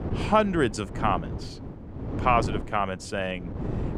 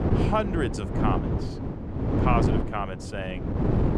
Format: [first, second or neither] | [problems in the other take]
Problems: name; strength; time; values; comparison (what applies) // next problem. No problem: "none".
first | wind noise on the microphone; heavy; 3 dB below the speech; occasional gusts in the first